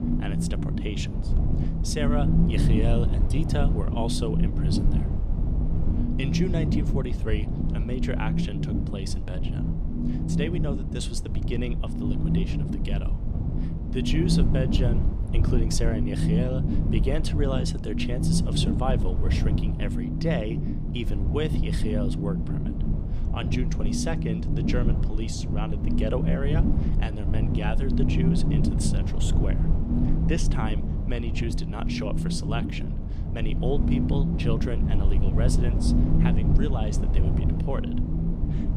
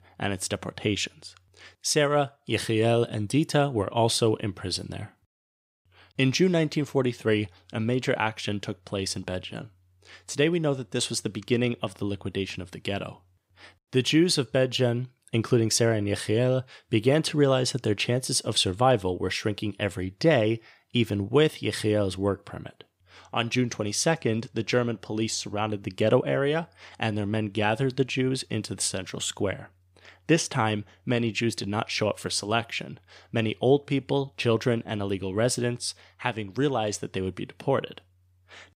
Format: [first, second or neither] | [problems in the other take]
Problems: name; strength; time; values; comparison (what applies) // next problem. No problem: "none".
second | low rumble; loud; throughout; 1 dB below the speech